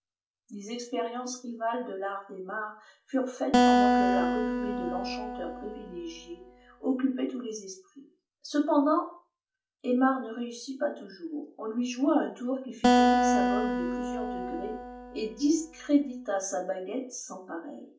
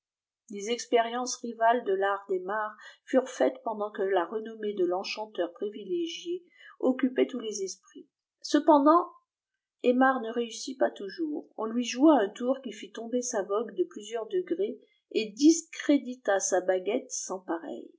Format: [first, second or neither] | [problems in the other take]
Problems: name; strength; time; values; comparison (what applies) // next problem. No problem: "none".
second | background sound (Acoustic guitar); 4 dB above the speech // room echo; dies away in 0.3 s